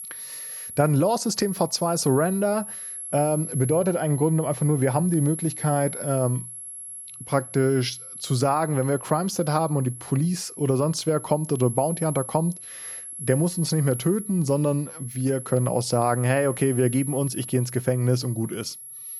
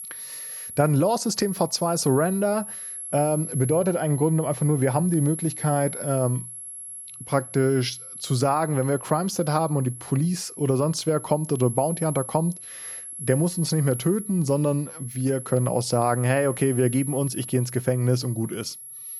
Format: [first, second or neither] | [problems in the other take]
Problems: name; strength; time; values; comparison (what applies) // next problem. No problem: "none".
neither | high-pitched whine; noticeable; throughout; 11 kHz, 10 dB below the speech; the same in both